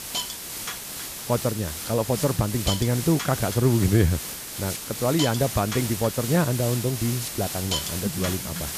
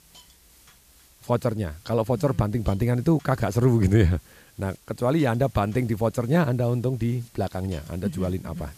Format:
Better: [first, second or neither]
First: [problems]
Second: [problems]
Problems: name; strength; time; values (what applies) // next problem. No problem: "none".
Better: second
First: hiss; loud; throughout; 5 dB below the speech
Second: hiss; faint; throughout; 25 dB below the speech